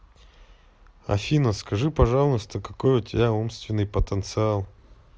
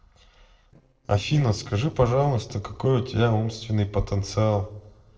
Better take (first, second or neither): first